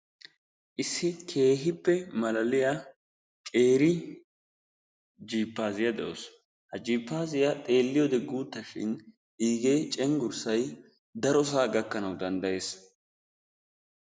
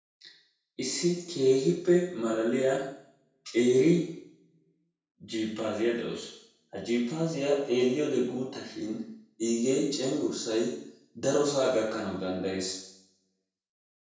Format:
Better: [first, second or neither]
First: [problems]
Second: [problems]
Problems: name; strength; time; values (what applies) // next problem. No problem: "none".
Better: first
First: none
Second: room echo; dies away in 0.6 s